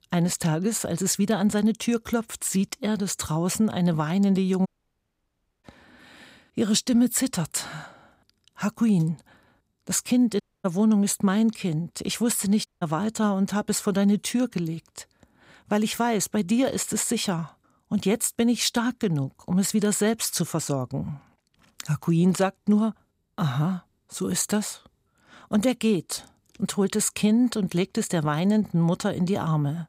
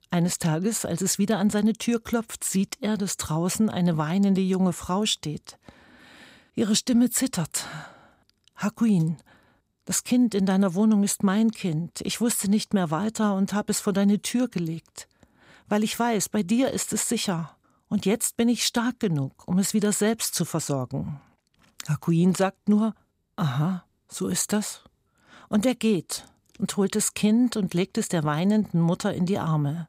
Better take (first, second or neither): second